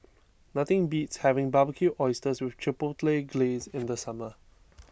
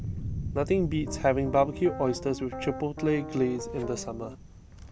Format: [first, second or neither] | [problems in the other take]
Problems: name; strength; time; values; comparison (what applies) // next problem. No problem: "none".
first | background sound (Piano + Thunder); 8 dB below the speech